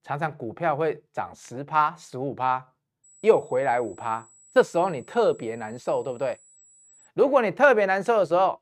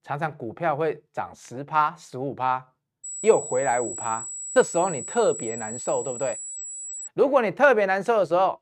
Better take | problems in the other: first | high-pitched whine; loud; from 3 to 7 s; 8 kHz, 8 dB below the speech; faint in the first

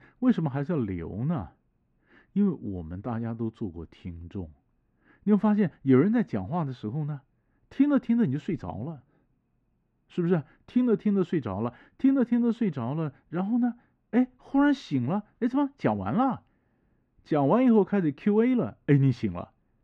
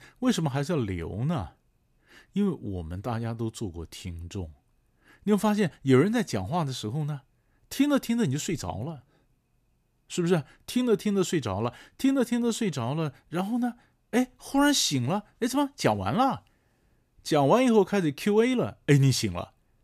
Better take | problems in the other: second | muffled; very; fading above 1.5 kHz

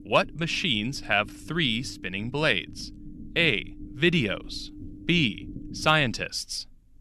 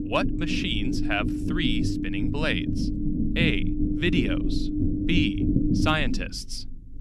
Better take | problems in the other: first | low rumble; loud; throughout; 4 dB below the speech; faint in the first

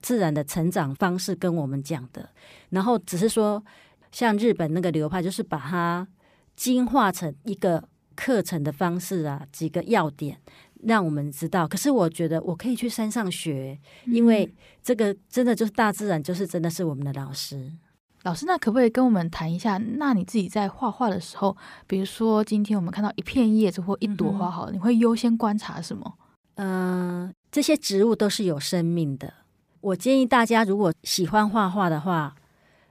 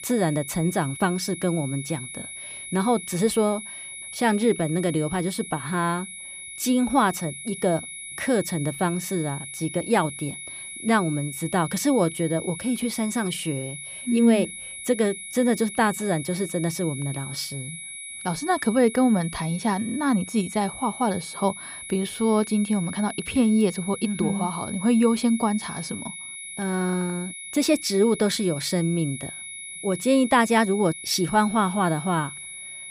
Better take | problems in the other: first | high-pitched whine; noticeable; throughout; 2 kHz, 10 dB below the speech

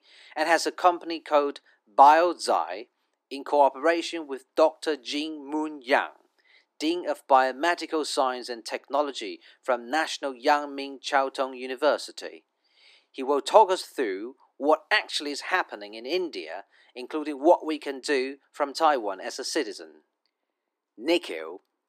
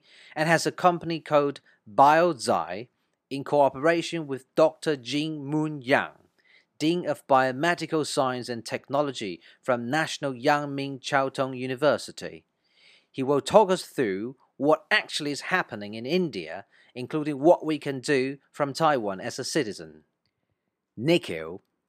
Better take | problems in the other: second | thin; somewhat; fading below 300 Hz

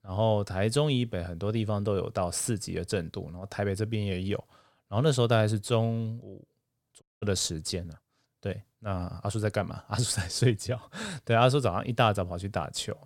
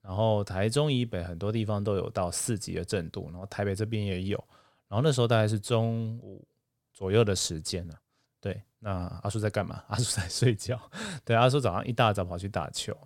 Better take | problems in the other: second | audio cutting out; at 7 s

